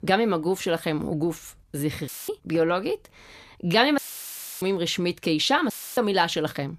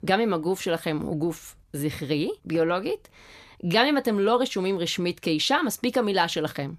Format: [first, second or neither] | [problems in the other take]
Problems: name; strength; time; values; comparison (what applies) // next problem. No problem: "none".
second | audio cutting out; filled with static; at 2 s, at 4 s for 0.5 s and at 5.5 s